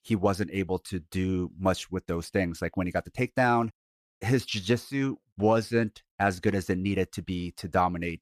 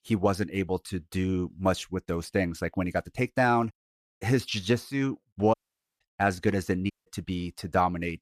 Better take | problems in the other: first | audio cutting out; at 5.5 s and at 7 s

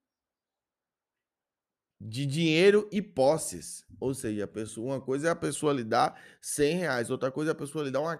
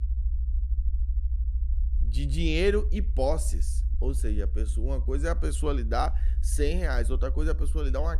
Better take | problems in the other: first | low rumble; noticeable; throughout; 20 dB below the speech

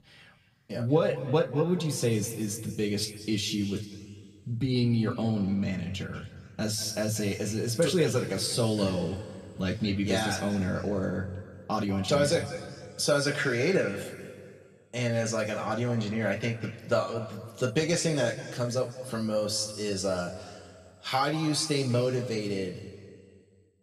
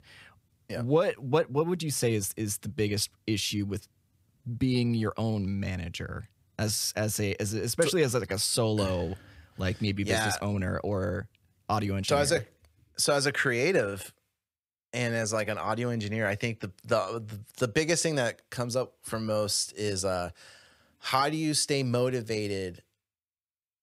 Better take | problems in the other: second | room echo; slight; dies away in 1.9 s // off-mic speech; somewhat distant

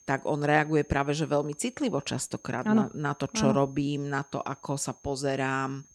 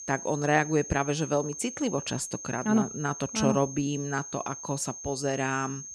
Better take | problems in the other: first | high-pitched whine; loud; throughout; 6.5 kHz, 10 dB below the speech; faint in the first

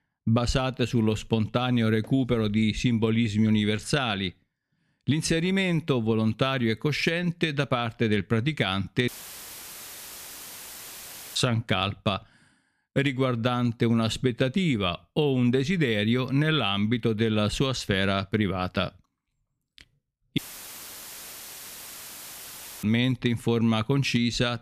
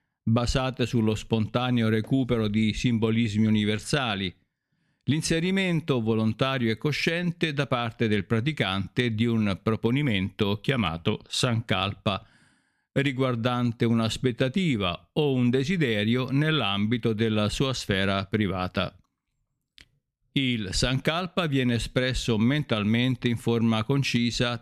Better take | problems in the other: second | audio cutting out; filled with static; at 9 s for 2.5 s and at 20 s for 2.5 s

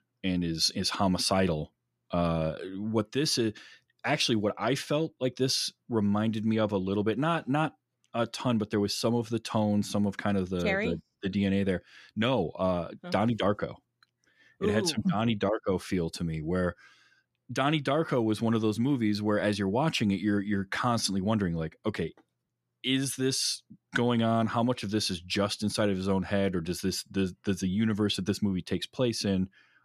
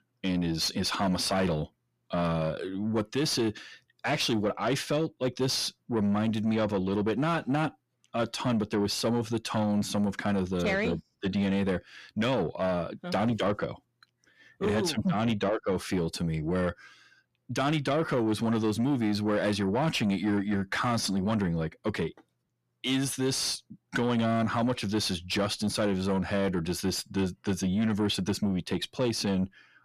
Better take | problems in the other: first | distortion; slight; 10 dB below the speech

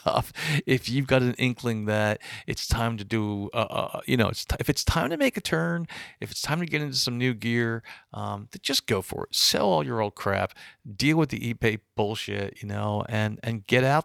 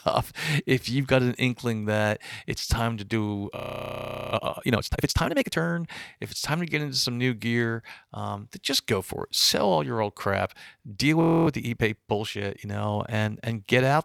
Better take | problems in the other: first | audio freezing; at 3.5 s for 1 s and at 11 s

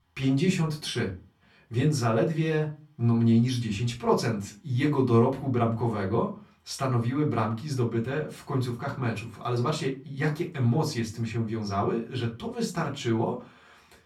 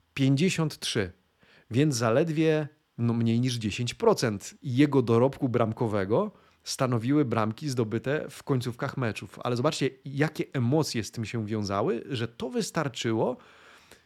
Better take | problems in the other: second | off-mic speech; far // room echo; very slight; dies away in 0.2 s

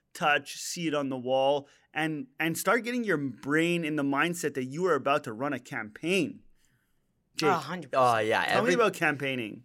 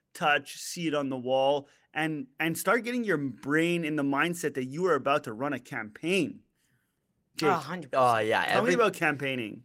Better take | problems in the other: first | garbled, watery; slightly; nothing above 16.5 kHz

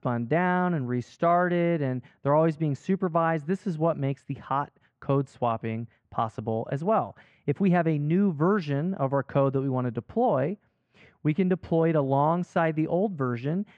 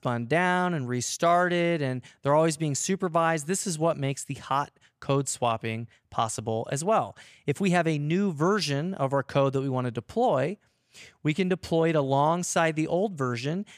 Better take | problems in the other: second | muffled; very; fading above 1.5 kHz

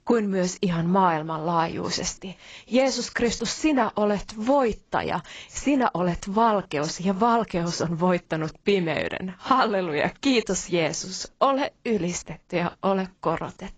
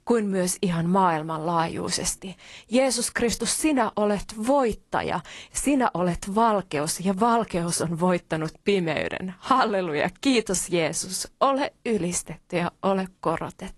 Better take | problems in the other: second | garbled, watery; badly; nothing above 7.5 kHz; slightly in the second

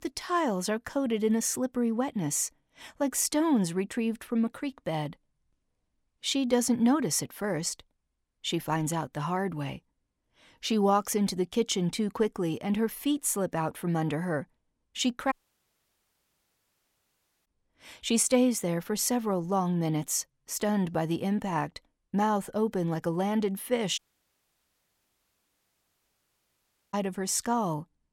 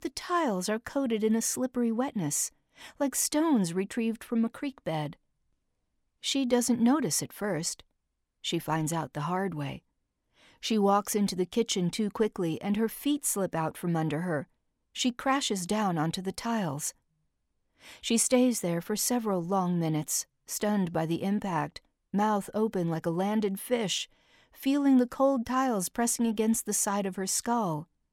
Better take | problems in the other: second | audio cutting out; at 15 s for 2 s and at 24 s for 3 s

